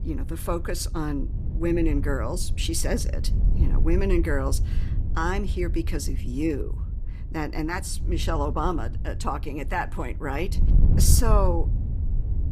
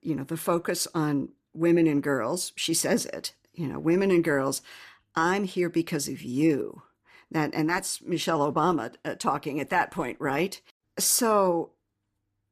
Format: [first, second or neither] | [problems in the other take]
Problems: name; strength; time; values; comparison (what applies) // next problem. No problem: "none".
second | wind noise on the microphone; occasional gusts; 15 dB below the speech